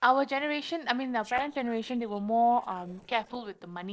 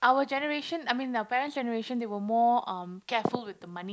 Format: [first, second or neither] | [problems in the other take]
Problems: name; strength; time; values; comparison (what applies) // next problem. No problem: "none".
second | noise reduction (neural separator model SepFormer DNS4)